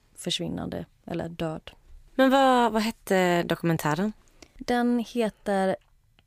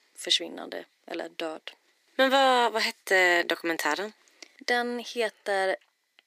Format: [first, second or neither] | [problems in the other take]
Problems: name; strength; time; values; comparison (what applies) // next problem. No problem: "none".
first | thin; somewhat; fading below 300 Hz